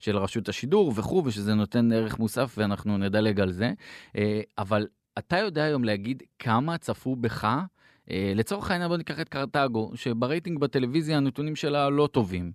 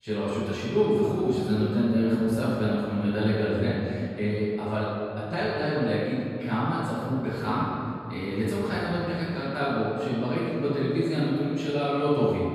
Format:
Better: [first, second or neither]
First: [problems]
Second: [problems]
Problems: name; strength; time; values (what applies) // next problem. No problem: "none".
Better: first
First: none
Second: off-mic speech; far // room echo; strong; dies away in 2.5 s